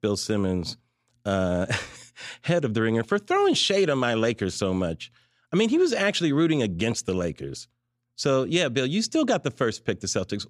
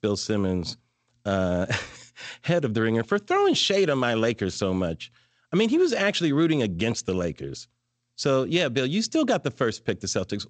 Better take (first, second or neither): first